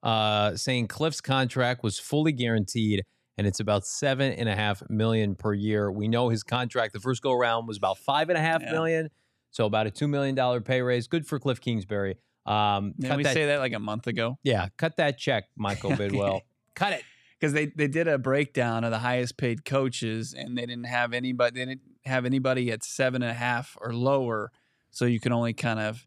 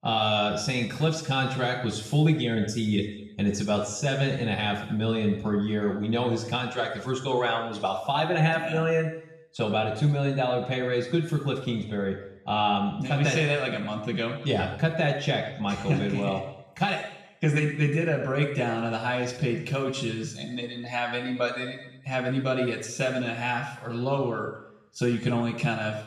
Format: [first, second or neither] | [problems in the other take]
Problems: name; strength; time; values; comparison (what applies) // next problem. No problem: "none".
first | room echo; noticeable; dies away in 0.8 s // off-mic speech; far